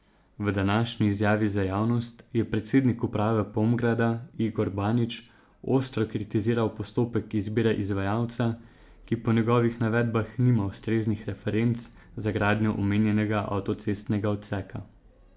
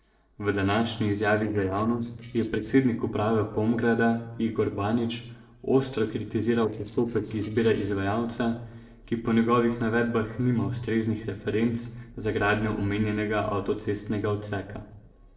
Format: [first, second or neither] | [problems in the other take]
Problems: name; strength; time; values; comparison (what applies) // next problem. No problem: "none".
first | noise reduction (neural separator model SepFormer DNS4)